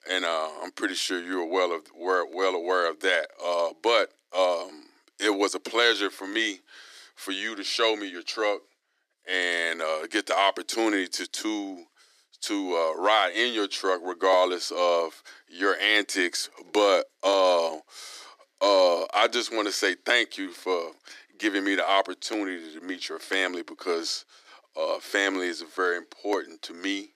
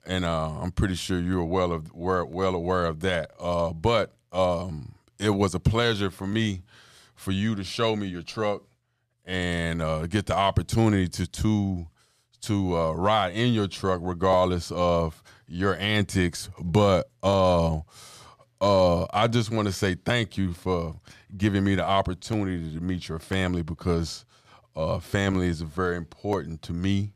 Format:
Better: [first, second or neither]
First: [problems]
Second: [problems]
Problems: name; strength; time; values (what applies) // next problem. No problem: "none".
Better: second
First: thin; somewhat; fading below 300 Hz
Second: none